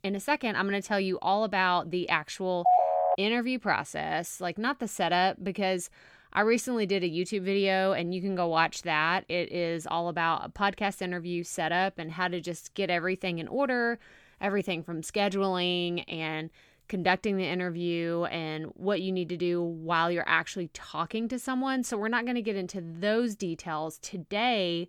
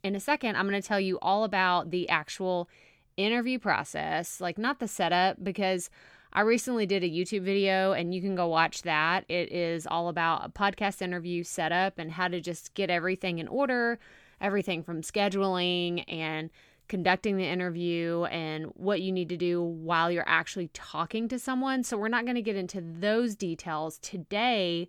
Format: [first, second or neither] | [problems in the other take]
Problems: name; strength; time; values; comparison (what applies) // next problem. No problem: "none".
second | phone ringing; loud; at 2.5 s; peak 6 dB above the speech